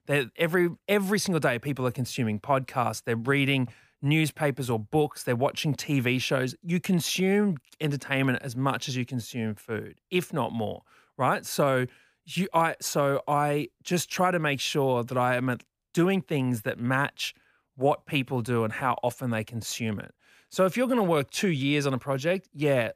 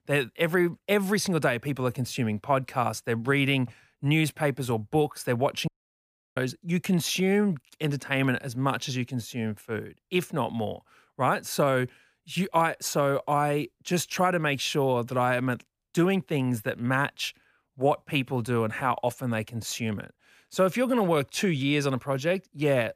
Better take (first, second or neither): first